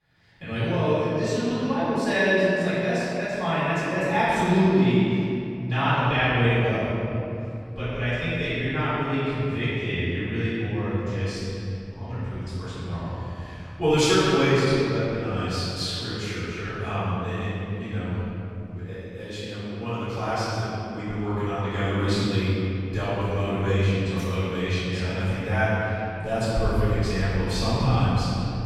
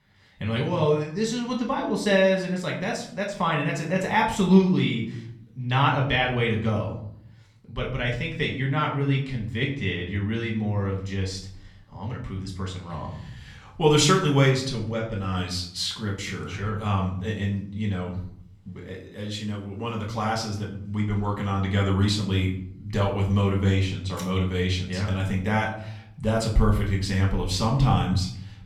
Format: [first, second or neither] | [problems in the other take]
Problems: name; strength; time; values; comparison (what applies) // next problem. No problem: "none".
second | room echo; strong; dies away in 2.8 s; slight in the second // off-mic speech; far; far in the second